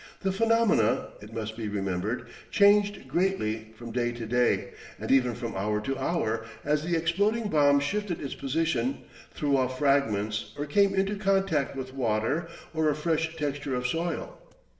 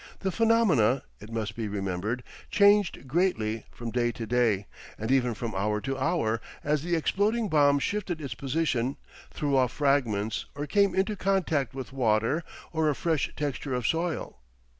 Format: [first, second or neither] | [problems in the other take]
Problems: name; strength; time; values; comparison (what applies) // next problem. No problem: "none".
second | noise reduction (neural separator model SepFormer DNS4)